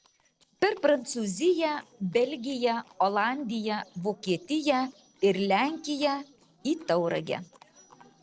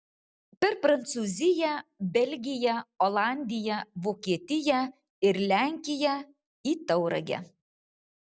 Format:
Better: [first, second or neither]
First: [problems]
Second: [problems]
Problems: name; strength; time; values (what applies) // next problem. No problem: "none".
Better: second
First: noise reduction (neural separator model SepFormer DNS4)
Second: none